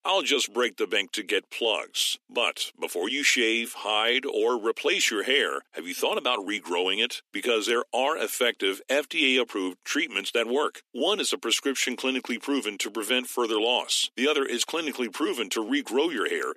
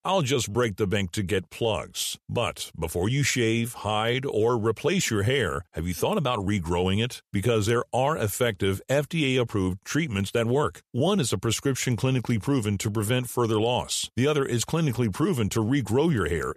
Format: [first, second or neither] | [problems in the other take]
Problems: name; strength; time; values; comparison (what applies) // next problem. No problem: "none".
second | thin; somewhat; fading below 250 Hz